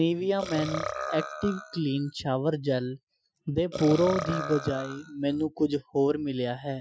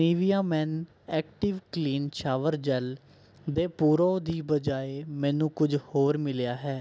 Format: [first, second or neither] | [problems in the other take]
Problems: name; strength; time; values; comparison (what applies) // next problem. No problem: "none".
second | noise reduction (classical method Wiener filter)